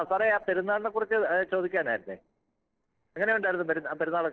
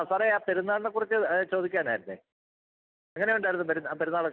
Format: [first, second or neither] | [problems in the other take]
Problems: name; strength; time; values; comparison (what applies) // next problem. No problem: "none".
second | noise reduction (neural separator model SepFormer DNS4)